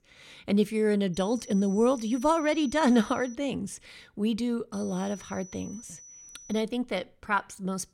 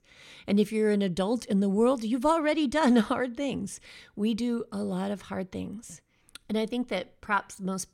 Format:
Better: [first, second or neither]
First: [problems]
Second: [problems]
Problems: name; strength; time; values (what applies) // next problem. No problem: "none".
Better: second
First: high-pitched whine; noticeable; from 1 to 3.5 s and from 4.5 to 6.5 s; 6 kHz, 20 dB below the speech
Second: none